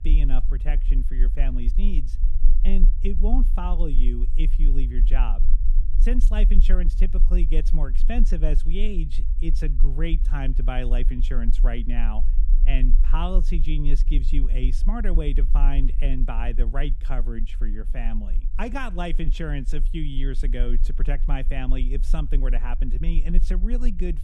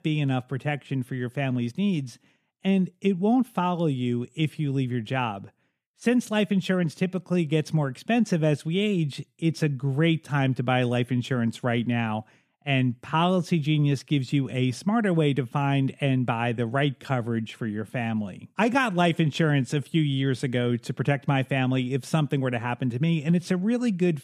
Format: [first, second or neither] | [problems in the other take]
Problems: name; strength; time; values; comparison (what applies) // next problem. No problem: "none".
second | low rumble; noticeable; throughout; 15 dB below the speech